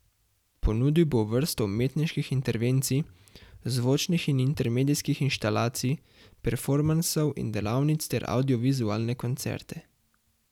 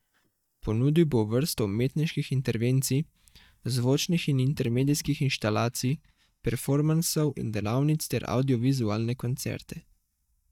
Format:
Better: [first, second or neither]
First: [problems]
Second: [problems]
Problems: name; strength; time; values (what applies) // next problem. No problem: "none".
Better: first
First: none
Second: noise reduction (neural mask model DeepFilterNet 3)